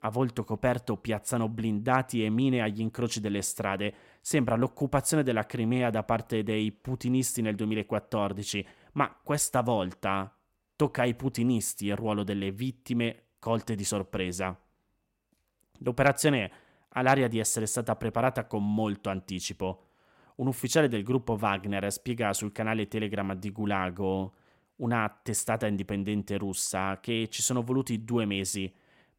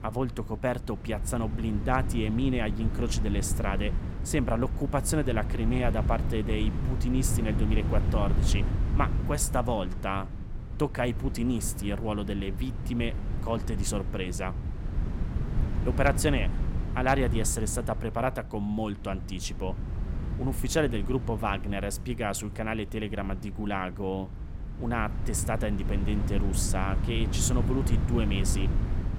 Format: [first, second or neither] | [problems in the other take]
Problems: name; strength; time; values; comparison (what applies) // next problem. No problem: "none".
first | wind noise on the microphone; occasional gusts; 10 dB below the speech